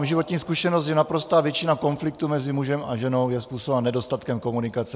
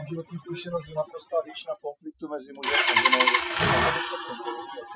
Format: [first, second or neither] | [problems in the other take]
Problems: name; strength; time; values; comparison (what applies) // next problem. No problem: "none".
first | noise reduction (classical method Wiener filter)